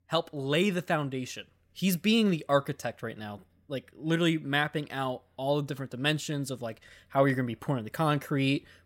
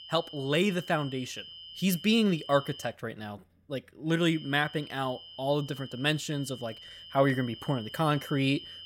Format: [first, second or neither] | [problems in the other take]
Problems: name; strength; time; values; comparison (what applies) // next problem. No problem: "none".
first | high-pitched whine; noticeable; until 3 s and from 4 s on; 3 kHz, 15 dB below the speech